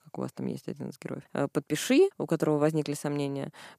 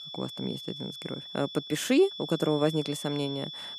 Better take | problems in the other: first | high-pitched whine; loud; throughout; 3.5 kHz, 9 dB below the speech

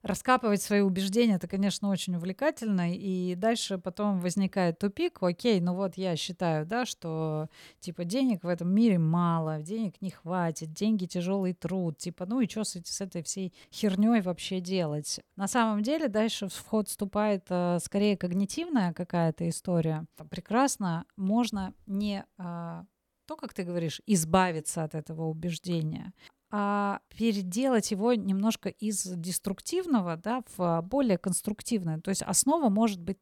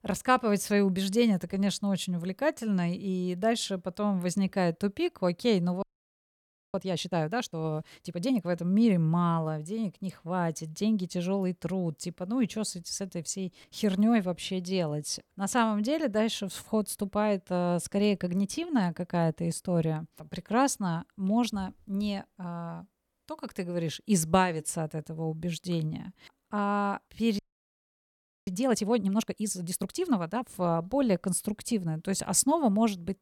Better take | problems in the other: first | audio freezing; at 6 s for 1 s and at 27 s for 1 s

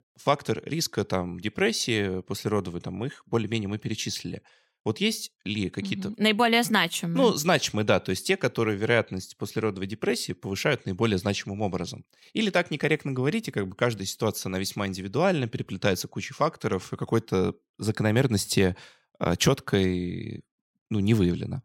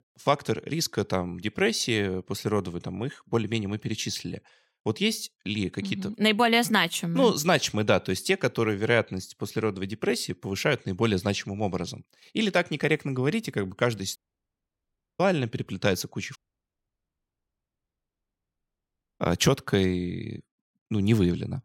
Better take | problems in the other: first | audio cutting out; at 14 s for 1 s and at 16 s for 3 s

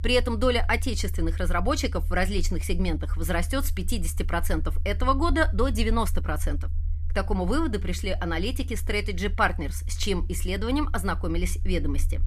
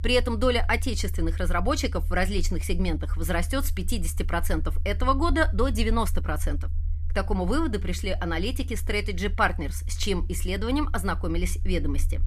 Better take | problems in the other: neither | low rumble; faint; throughout; 20 dB below the speech; the same in both

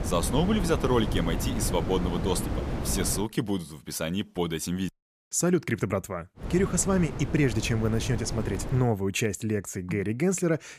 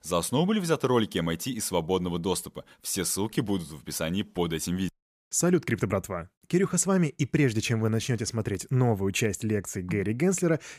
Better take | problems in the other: second | wind noise on the microphone; heavy; until 3 s and from 6.5 to 9 s; 8 dB below the speech

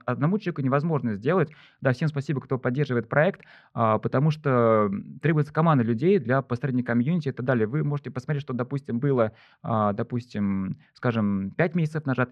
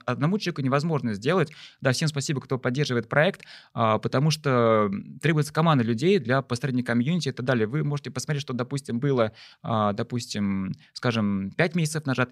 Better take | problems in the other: second | muffled; very; fading above 3.5 kHz

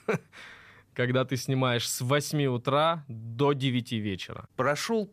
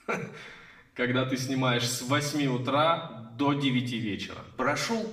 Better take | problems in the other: first | room echo; slight; dies away in 0.7 s // off-mic speech; far

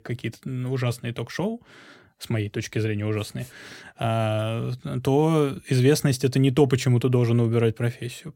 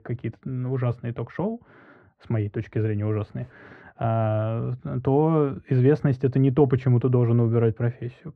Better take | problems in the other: first | muffled; very; fading above 1 kHz

